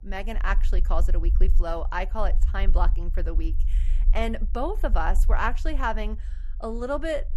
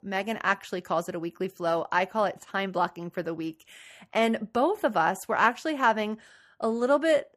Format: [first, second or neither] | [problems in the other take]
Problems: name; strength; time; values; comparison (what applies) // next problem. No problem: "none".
second | low rumble; faint; throughout; 20 dB below the speech